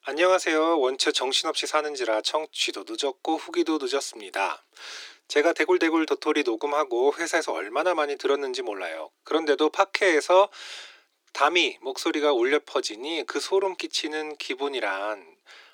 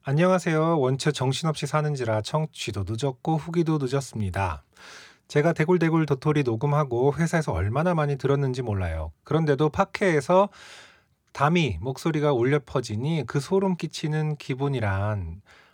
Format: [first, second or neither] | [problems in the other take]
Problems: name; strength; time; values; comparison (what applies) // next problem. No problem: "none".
second | thin; very; fading below 300 Hz